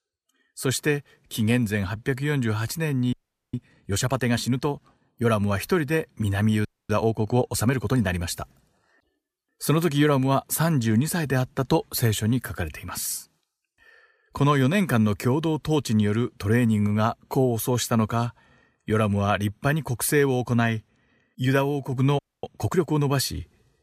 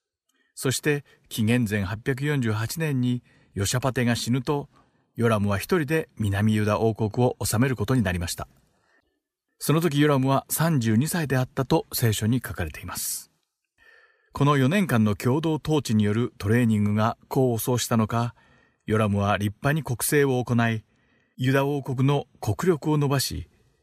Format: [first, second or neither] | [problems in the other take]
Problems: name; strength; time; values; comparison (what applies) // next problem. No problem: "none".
second | audio freezing; at 3 s, at 6.5 s and at 22 s